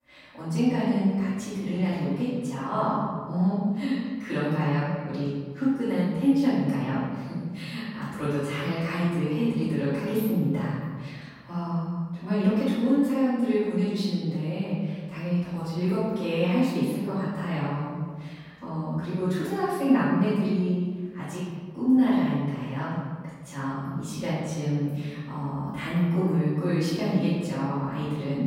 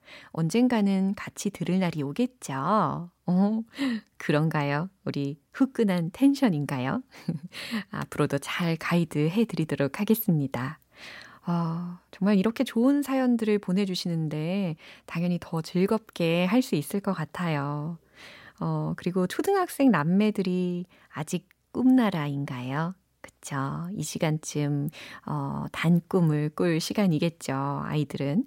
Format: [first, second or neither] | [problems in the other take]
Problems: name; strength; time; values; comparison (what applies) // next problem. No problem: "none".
second | room echo; strong; dies away in 1.5 s // off-mic speech; far